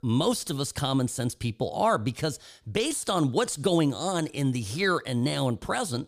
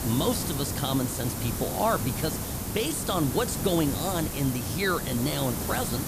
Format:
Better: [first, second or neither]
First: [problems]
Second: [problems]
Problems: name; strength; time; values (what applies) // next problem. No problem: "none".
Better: first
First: none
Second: hiss; loud; throughout; 3 dB below the speech